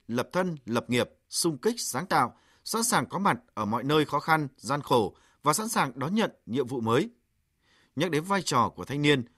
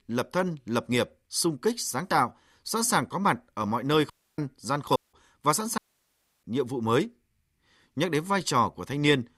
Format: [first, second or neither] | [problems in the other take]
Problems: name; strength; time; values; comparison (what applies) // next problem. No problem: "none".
first | audio cutting out; at 4 s, at 5 s and at 6 s for 0.5 s